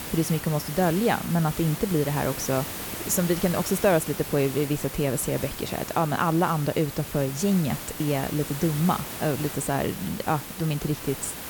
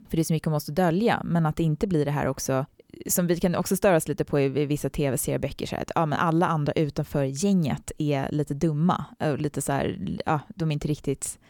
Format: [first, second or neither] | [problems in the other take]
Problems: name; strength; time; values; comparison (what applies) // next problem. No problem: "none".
second | hiss; loud; throughout; 8 dB below the speech